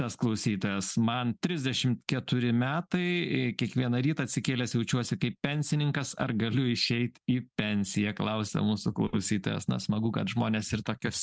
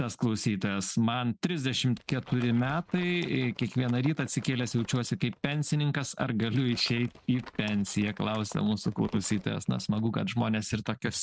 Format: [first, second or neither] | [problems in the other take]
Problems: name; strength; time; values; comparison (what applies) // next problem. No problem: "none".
first | noise reduction (neural mask model RNNoise)